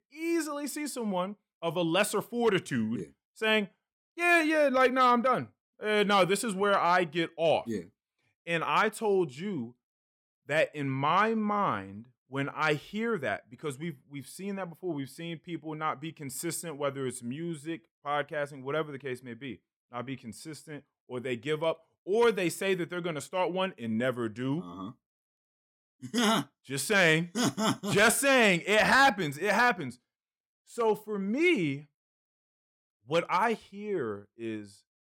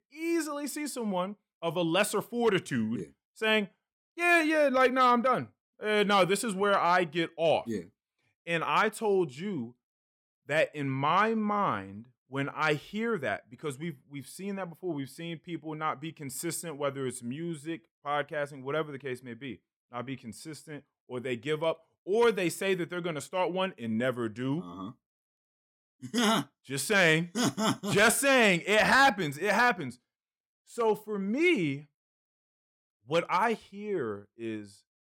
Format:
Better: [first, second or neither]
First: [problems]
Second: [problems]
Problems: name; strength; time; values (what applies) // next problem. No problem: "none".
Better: neither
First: none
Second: none